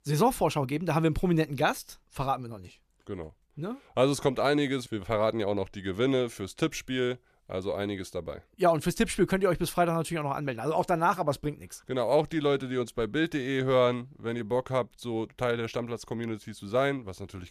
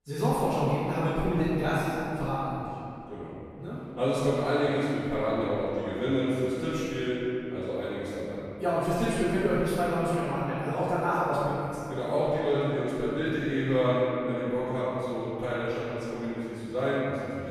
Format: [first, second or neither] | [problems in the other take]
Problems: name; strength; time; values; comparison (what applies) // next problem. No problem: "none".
first | room echo; strong; dies away in 2.8 s // off-mic speech; far